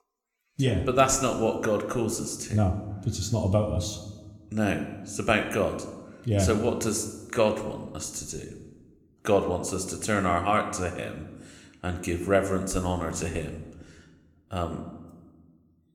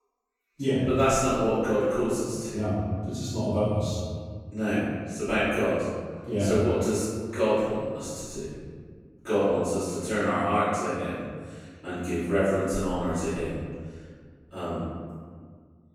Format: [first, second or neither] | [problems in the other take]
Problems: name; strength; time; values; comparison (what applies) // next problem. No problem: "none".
first | room echo; strong; dies away in 1.7 s; slight in the first // off-mic speech; far